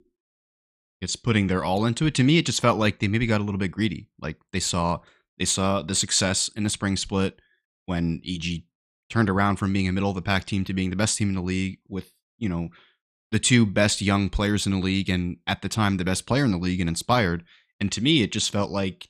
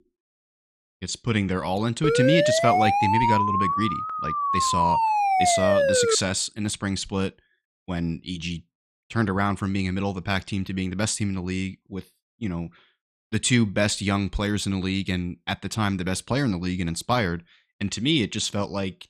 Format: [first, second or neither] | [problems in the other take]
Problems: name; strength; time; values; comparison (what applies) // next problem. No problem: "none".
first | siren; loud; from 2 to 6 s; peak 5 dB above the speech